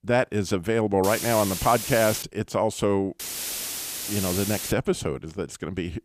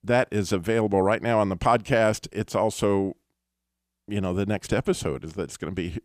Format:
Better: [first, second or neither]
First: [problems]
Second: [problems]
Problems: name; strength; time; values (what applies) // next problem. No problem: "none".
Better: second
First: hiss; loud; from 1 to 2 s and from 3 to 4.5 s; 5 dB below the speech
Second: none